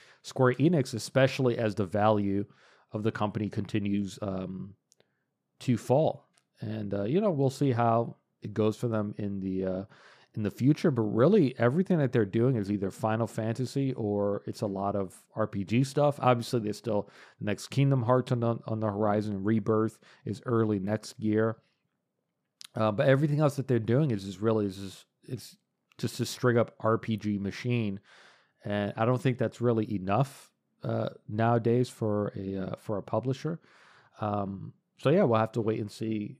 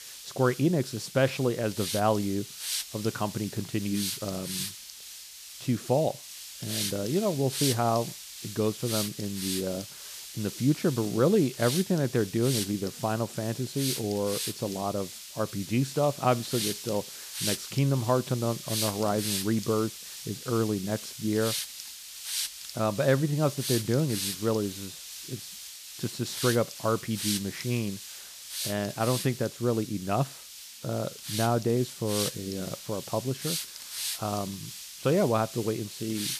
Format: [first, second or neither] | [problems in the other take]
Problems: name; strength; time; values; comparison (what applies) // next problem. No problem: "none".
first | hiss; loud; throughout; 6 dB below the speech